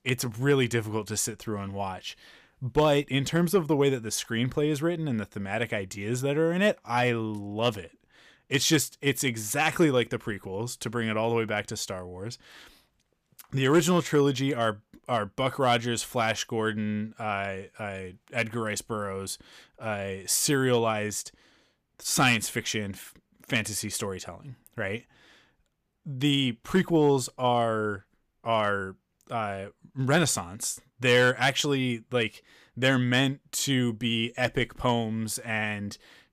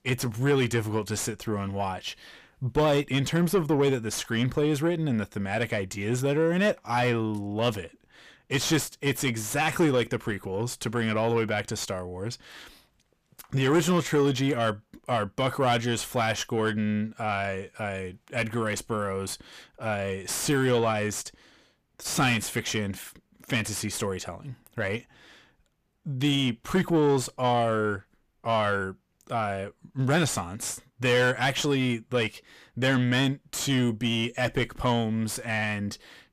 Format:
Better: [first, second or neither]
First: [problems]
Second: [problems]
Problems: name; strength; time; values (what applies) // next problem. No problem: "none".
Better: first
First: none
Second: distortion; slight; 10 dB below the speech